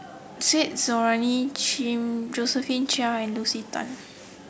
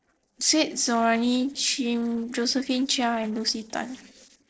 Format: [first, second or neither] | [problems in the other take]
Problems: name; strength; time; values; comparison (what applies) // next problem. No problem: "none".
first | noise reduction (neural separator model SepFormer DNS4)